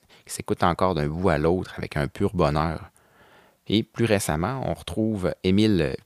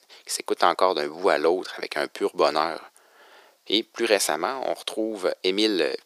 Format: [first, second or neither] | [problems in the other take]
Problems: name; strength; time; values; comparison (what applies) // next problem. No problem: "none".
first | thin; very; fading below 350 Hz